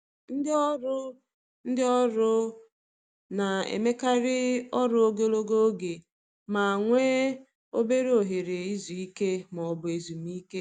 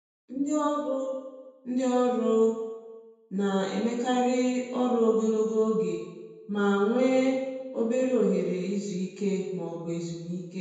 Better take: first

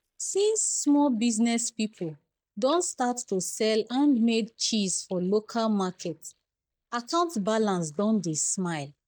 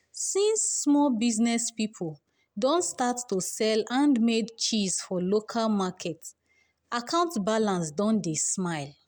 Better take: second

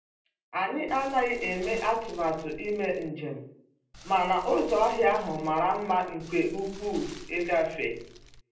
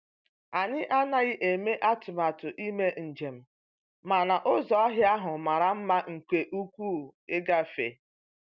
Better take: second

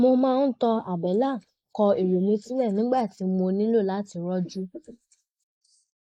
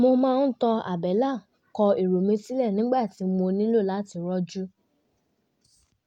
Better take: second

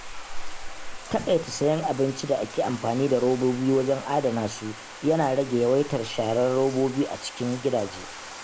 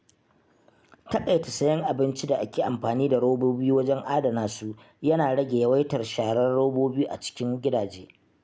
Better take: second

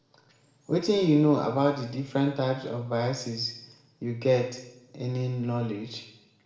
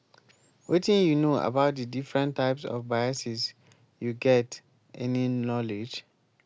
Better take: second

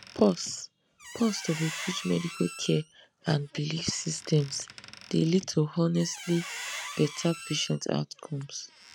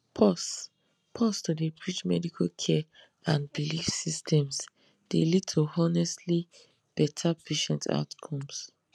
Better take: second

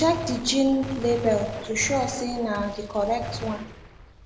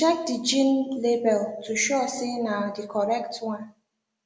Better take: second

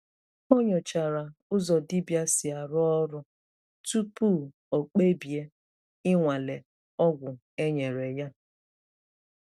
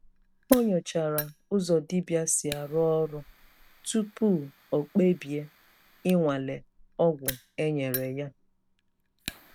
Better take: first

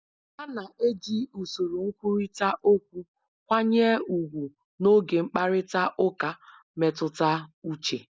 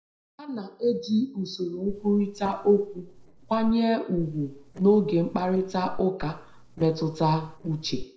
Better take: first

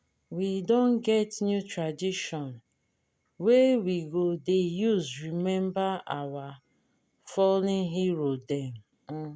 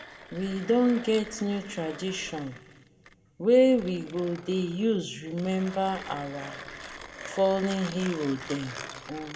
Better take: first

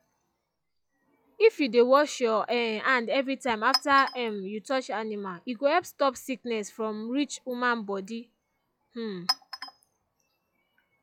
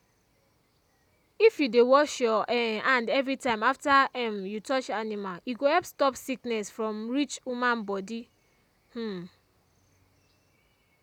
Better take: second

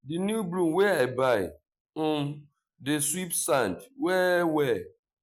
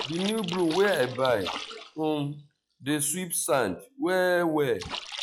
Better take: first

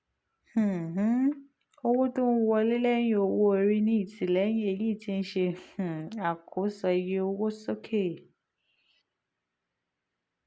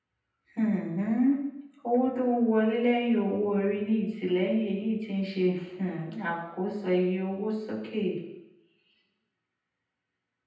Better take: first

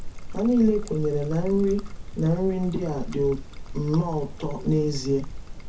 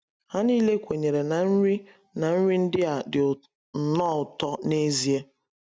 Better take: second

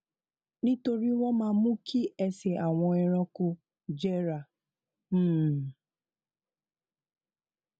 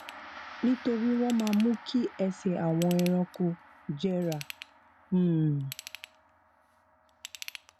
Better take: first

